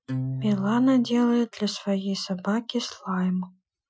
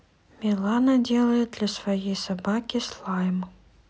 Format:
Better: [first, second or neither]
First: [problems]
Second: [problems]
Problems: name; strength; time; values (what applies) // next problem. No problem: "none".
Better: second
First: noise reduction (classical method Wiener filter)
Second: none